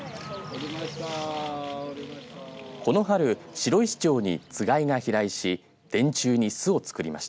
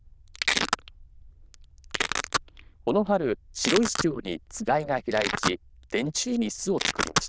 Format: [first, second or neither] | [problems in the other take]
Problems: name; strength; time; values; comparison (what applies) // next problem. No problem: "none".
first | noise reduction (neural diffusion model UNIVERSE++)